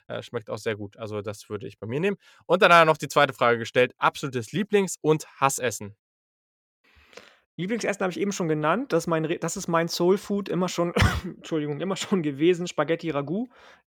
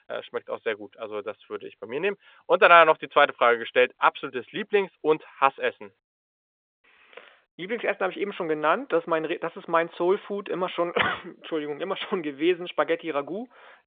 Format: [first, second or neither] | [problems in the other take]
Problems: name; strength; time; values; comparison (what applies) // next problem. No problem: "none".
first | phone-call audio